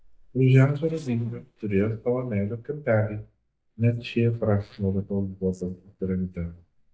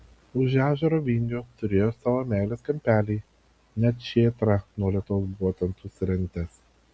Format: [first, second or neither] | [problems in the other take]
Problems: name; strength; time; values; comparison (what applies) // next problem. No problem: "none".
second | noise reduction (neural mask model DeepFilterNet 3)